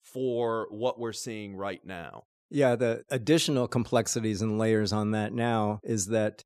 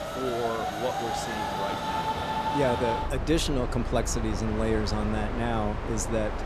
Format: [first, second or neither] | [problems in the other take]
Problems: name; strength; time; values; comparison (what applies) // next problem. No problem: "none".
first | train or aircraft noise; loud; throughout; 1 dB below the speech